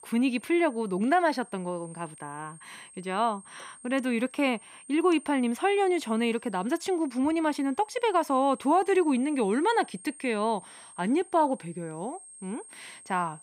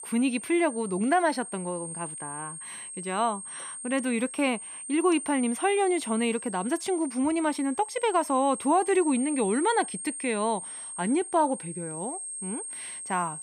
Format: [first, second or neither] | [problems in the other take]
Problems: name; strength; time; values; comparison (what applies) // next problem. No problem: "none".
first | high-pitched whine; loud; throughout; 8.5 kHz, 9 dB below the speech; faint in the first